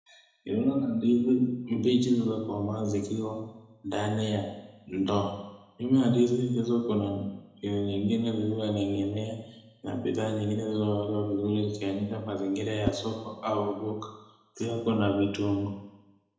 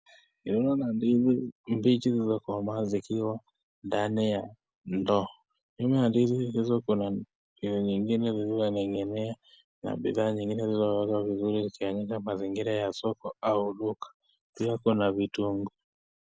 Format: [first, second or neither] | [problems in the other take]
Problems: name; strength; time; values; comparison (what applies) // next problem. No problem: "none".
second | background sound (Whoosh, swoosh, swish); 12 dB below the speech // room echo; dies away in 0.9 s